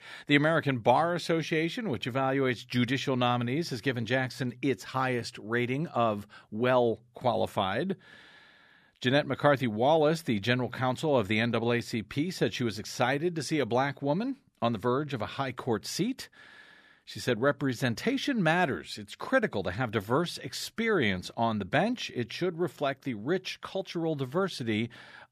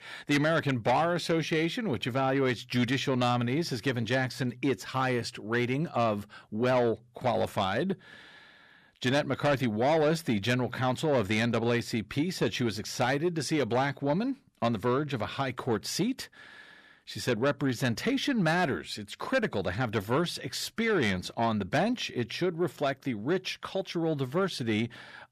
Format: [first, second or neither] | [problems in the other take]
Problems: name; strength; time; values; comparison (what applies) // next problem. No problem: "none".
first | distortion; slight; 10 dB below the speech